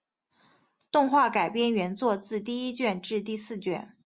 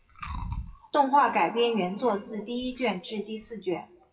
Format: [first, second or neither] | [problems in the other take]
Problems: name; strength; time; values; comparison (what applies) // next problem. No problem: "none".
first | noise reduction (classical method WPE with log-MMSE)